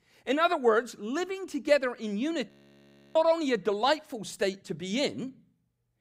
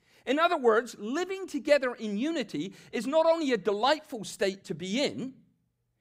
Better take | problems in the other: second | audio freezing; at 2.5 s for 0.5 s

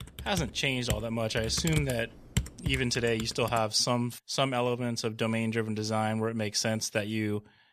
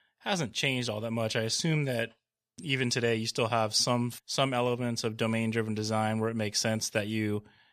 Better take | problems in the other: second | keyboard typing; noticeable; until 3.5 s; peak 3 dB below the speech

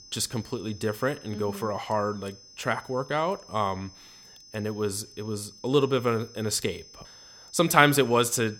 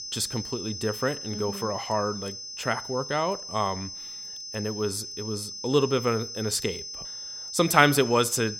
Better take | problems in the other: first | high-pitched whine; loud; throughout; 5 kHz, 8 dB below the speech; faint in the first

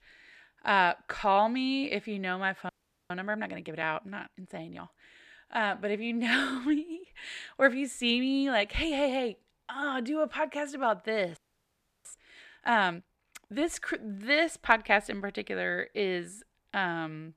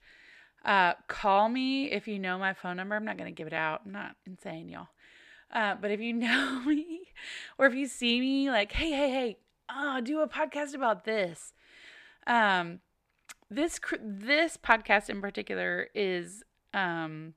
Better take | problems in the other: second | audio freezing; at 2.5 s and at 11 s for 0.5 s

